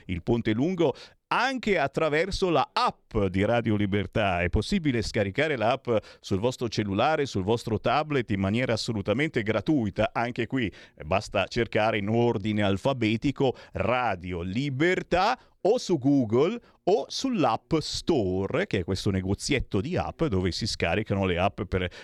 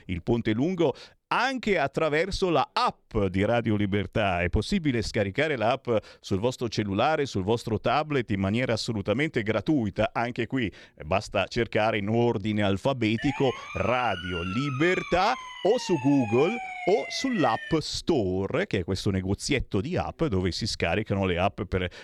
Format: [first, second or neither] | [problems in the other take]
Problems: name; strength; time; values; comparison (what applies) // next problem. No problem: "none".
first | siren; noticeable; from 13 to 18 s; peak 7 dB below the speech